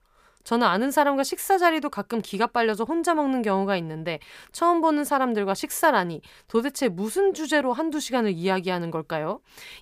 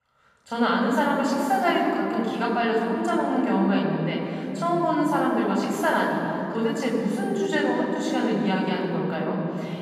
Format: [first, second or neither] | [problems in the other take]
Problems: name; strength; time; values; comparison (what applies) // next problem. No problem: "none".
first | room echo; strong; dies away in 3 s // off-mic speech; far